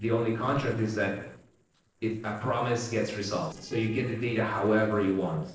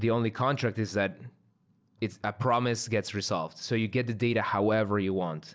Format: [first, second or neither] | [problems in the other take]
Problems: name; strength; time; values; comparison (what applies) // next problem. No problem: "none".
second | noise reduction (neural separator model SepFormer DNS4)